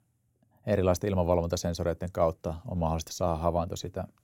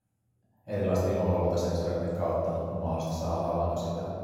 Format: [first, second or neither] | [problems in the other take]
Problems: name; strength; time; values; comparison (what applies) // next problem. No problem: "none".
first | off-mic speech; far // room echo; strong; dies away in 2.2 s